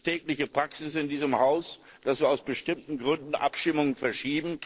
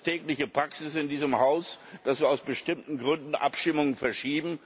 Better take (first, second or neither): second